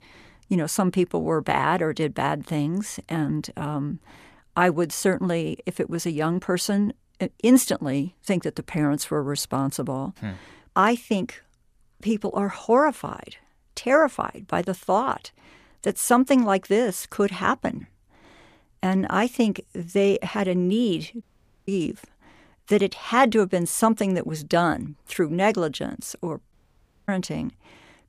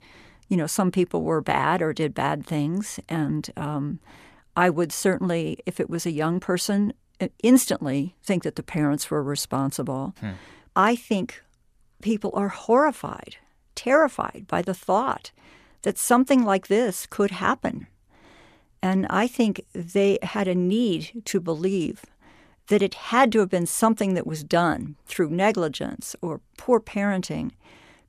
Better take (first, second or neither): second